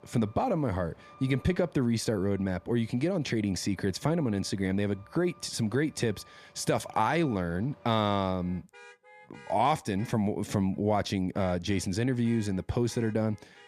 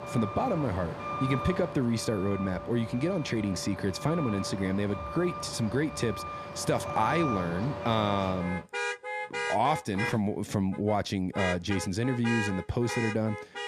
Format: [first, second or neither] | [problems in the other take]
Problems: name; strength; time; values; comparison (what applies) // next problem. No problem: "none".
first | traffic noise; loud; throughout; 6 dB below the speech; faint in the first